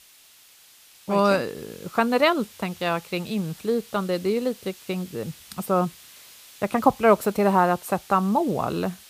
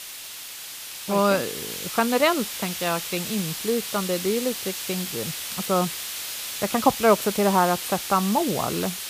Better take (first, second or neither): first